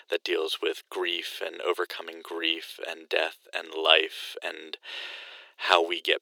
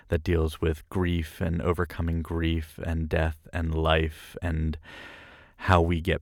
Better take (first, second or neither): second